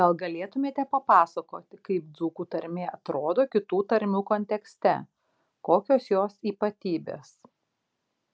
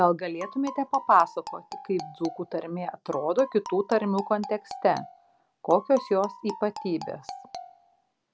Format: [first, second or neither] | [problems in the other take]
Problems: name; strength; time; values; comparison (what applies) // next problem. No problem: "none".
first | background sound (Marimba, xylophone); 15 dB below the speech